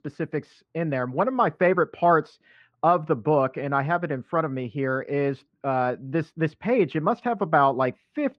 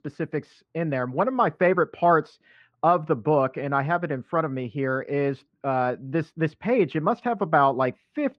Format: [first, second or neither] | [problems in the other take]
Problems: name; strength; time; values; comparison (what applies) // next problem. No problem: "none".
neither | muffled; very; fading above 1.5 kHz; the same in both